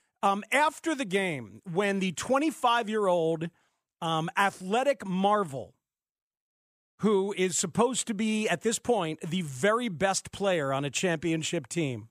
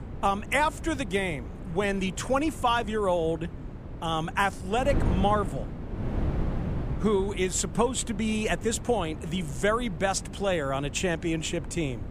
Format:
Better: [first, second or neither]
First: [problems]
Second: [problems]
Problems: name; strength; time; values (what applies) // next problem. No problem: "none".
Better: first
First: none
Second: wind noise on the microphone; occasional gusts; 15 dB below the speech